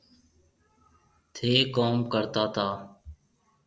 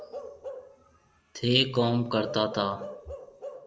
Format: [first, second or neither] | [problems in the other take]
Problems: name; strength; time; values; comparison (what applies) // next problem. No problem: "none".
first | background sound (Bark / Livestock, farm animals, working animals); 13 dB below the speech